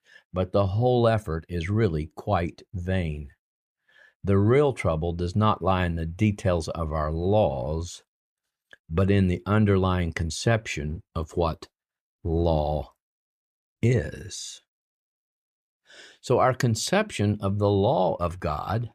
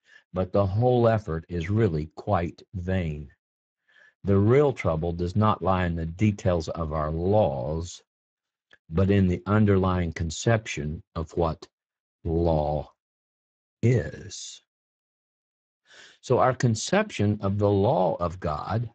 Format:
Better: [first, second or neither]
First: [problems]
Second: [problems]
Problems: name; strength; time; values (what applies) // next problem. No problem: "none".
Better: first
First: none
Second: garbled, watery; badly; nothing above 7.5 kHz